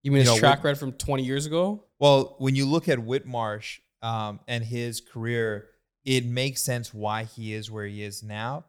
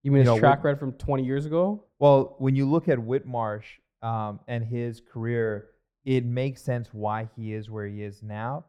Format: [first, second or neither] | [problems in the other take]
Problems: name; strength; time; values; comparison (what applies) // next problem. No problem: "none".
first | muffled; very; fading above 3 kHz